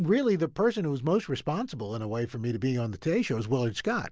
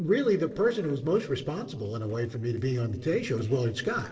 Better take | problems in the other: first | noise reduction (neural separator model SepFormer DNS4)

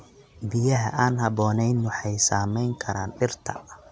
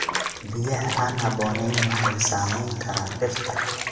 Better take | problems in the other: first | background sound (Bathtub (filling or washing) / Water); 4 dB below the speech // room echo; dies away in 2.2 s

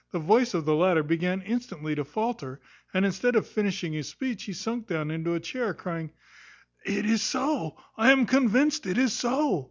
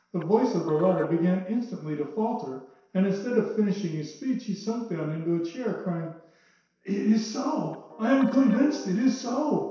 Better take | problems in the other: first | noise reduction (neural separator model SepFormer DNS4)

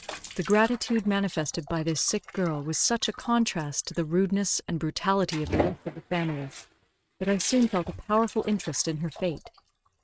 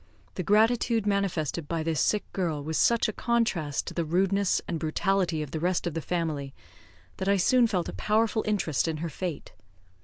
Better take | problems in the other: second | noise reduction (neural mask model RNNoise)

